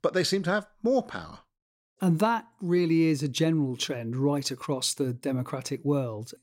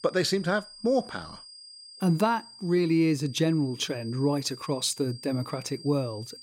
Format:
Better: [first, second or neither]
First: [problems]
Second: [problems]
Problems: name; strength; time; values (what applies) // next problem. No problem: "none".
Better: first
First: none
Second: high-pitched whine; noticeable; throughout; 5 kHz, 15 dB below the speech